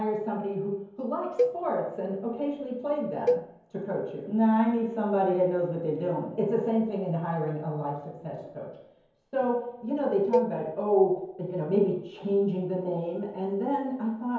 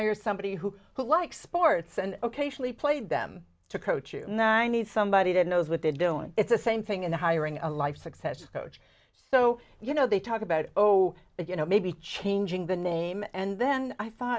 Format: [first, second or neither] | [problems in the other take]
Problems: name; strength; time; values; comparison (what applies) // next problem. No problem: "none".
second | background sound (Cowbell); 5 dB below the speech // room echo; dies away in 0.9 s